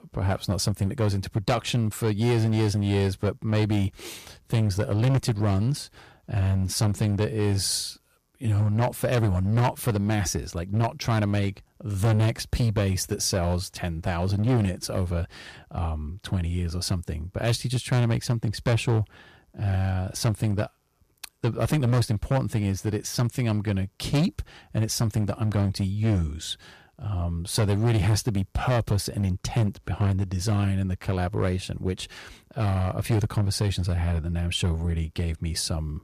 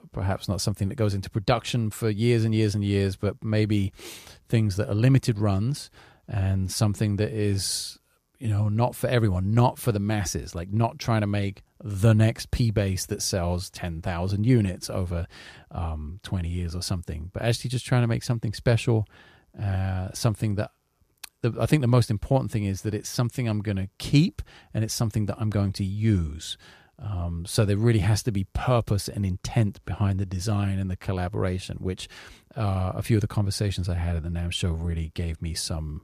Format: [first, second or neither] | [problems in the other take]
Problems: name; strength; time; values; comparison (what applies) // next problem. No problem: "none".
second | distortion; slight; 8% of the sound clipped